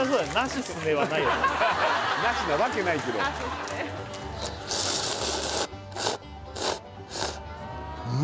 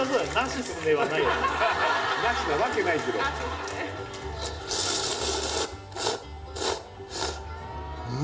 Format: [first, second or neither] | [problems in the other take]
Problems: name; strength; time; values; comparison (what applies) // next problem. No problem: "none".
first | room echo; dies away in 0.5 s